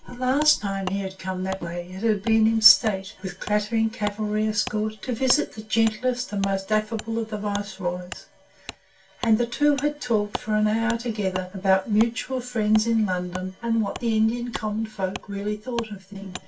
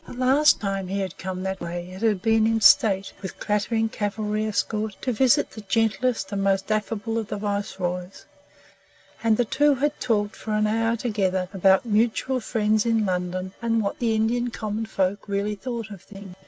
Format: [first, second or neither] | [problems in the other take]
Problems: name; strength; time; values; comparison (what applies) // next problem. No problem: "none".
second | background sound (Wood); 16 dB below the speech // room echo; dies away in 0.2 s